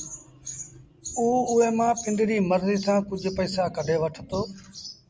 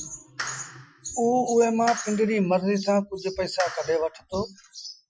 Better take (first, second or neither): first